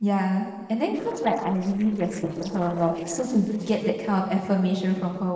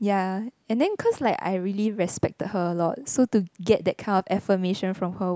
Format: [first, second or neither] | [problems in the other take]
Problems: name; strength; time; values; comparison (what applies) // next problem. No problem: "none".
second | noise reduction (neural separator model SepFormer DNS4)